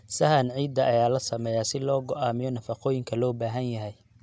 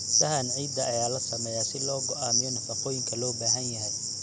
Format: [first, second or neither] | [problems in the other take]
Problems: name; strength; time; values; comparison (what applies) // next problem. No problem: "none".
first | background sound (Cricket); 3 dB above the speech